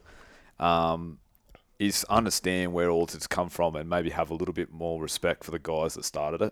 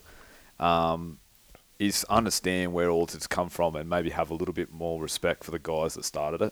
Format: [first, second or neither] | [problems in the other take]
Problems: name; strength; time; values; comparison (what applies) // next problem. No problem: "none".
first | hiss; faint; throughout; 30 dB below the speech